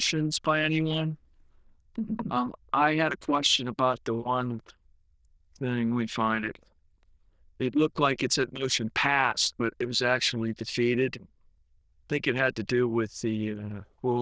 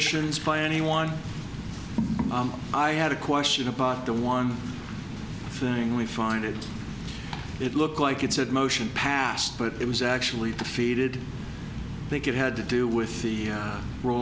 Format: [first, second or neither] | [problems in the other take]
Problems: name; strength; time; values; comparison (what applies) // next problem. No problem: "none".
second | noise reduction (neural diffusion model UNIVERSE++)